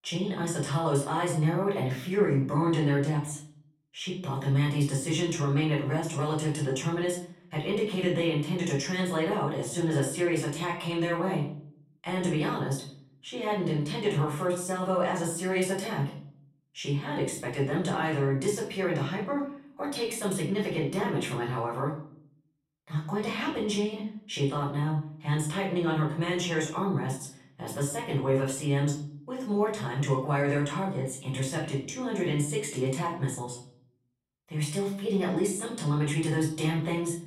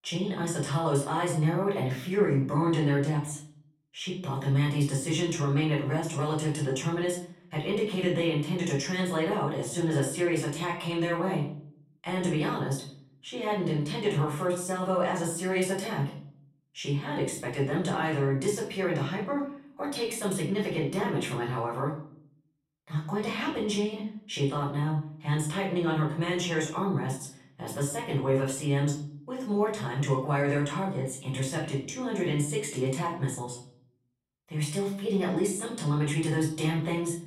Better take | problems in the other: neither | off-mic speech; far; the same in both // room echo; noticeable; dies away in 0.5 s; the same in both

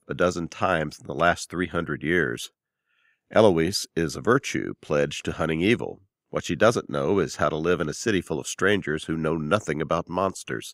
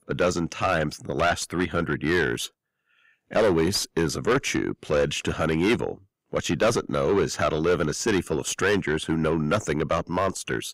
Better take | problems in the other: first | distortion; heavy; 6 dB below the speech

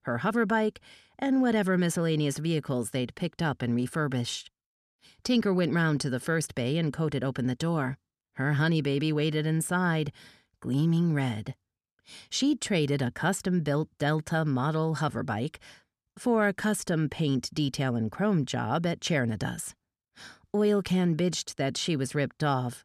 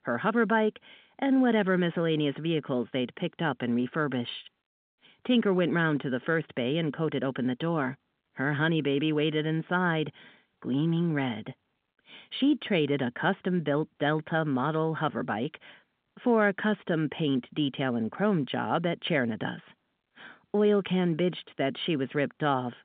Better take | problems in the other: first | phone-call audio; nothing above 3 kHz

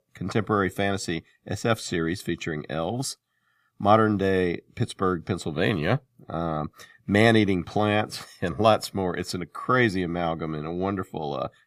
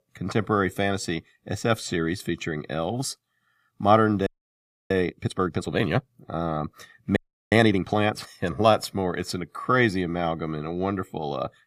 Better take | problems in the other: first | audio freezing; at 4.5 s for 0.5 s and at 7 s

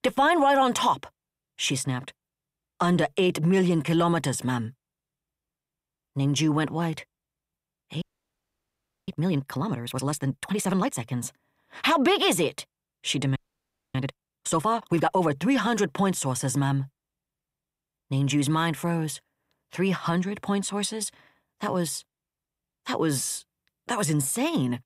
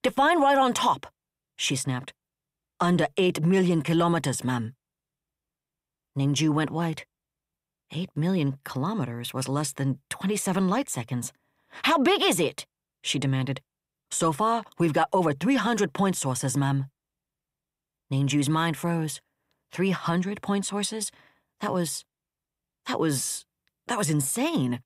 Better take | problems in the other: second | audio freezing; at 8 s for 1 s and at 13 s for 0.5 s

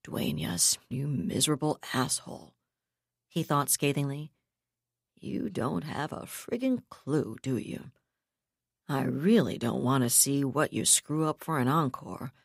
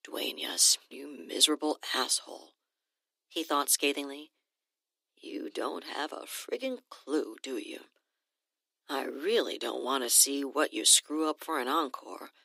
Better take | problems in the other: first | thin; somewhat; fading below 300 Hz

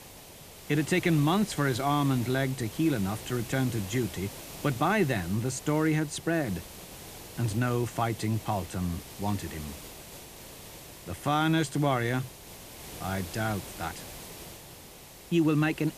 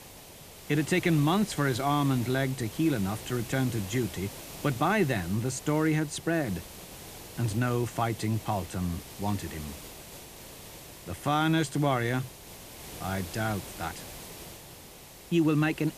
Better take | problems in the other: neither | hiss; noticeable; throughout; 15 dB below the speech; the same in both

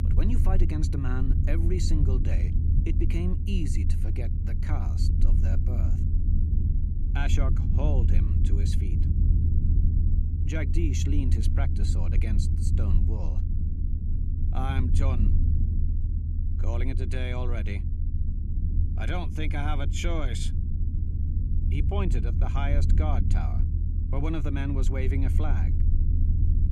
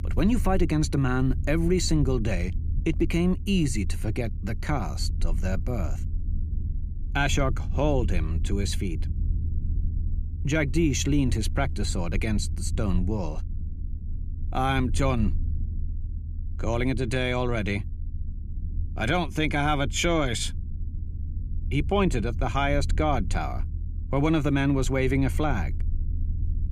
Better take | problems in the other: second | low rumble; loud; throughout; 5 dB below the speech; faint in the second

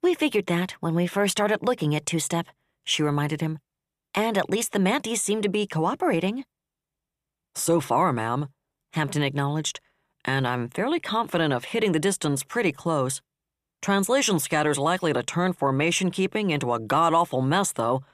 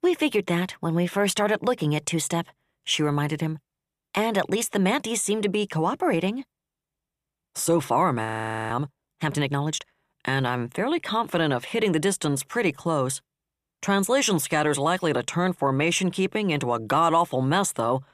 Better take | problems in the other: first | audio freezing; at 8.5 s

